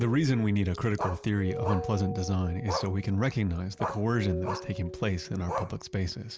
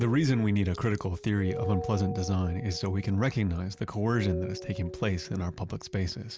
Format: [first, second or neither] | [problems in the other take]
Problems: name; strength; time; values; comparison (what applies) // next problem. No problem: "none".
second | background sound (Bark); 11 dB below the speech